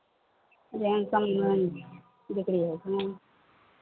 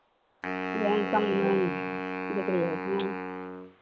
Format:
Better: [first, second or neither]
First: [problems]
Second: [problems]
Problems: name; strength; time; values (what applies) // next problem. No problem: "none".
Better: first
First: none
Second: background sound (Wind instrument, woodwind instrument); 3 dB below the speech